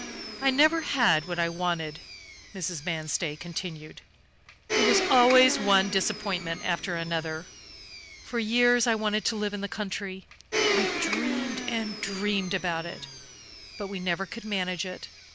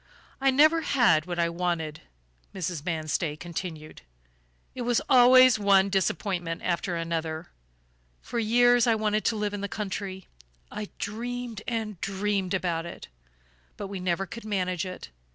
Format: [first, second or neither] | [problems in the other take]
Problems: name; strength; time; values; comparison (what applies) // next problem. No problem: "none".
second | background sound (Domestic sounds, home sounds); 6 dB below the speech